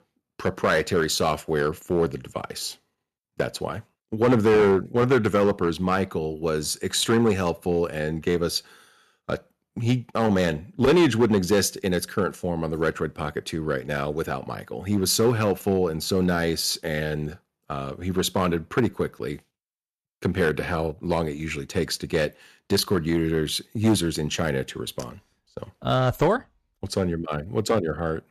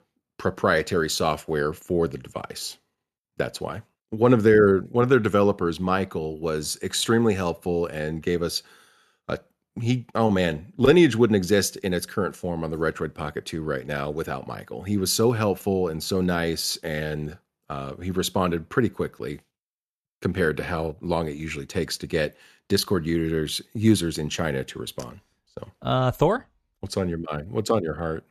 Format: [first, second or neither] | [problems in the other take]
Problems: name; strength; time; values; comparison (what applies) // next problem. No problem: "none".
second | distortion; slight; 3% of the sound clipped